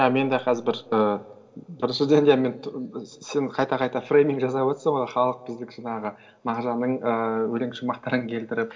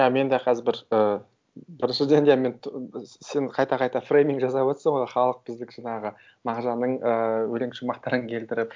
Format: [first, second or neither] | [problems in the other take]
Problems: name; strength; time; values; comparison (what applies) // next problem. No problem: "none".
second | room echo; dies away in 0.3 s